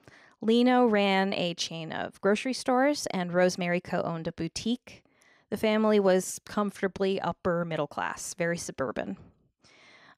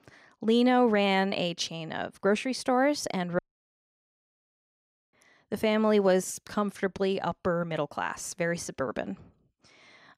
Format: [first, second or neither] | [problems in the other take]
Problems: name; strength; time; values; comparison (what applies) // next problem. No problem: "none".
first | audio cutting out; at 3.5 s for 1.5 s